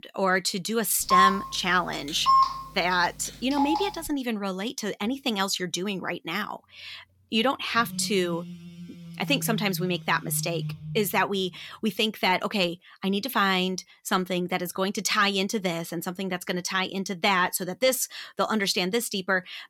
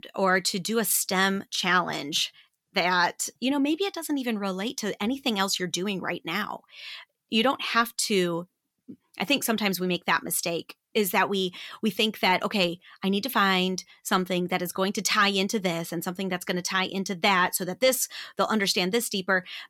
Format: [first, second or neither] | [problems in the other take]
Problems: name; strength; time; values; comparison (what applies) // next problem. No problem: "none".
second | phone ringing; loud; from 1 to 4 s; peak 6 dB above the speech // phone ringing; noticeable; from 8 to 11 s; peak 7 dB below the speech